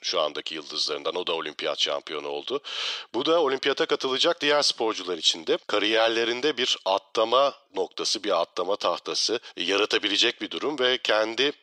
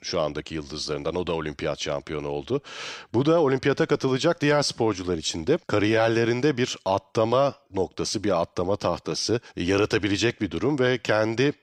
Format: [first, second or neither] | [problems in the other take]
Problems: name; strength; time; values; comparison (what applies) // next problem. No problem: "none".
second | thin; somewhat; fading below 450 Hz